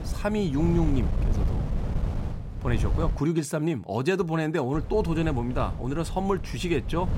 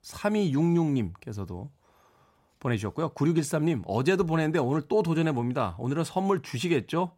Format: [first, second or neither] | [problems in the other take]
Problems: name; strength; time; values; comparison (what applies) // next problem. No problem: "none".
second | wind noise on the microphone; occasional gusts; until 3 s and from 4.5 s on; 10 dB below the speech